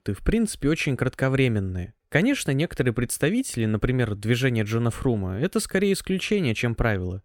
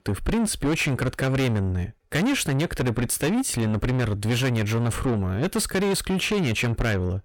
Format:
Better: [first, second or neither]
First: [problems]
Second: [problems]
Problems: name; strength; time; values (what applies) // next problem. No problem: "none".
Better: first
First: none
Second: distortion; heavy; 6 dB below the speech